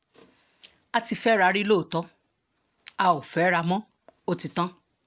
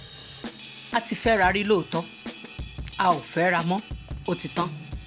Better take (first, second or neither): first